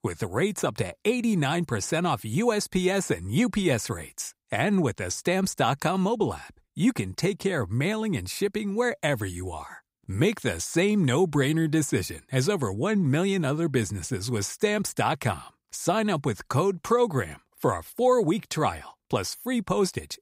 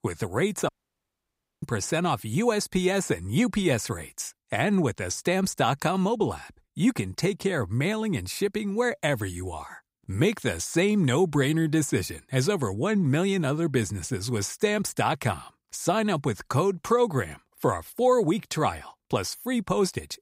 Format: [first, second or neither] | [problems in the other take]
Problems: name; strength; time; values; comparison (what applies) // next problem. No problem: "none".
first | audio cutting out; at 0.5 s for 1 s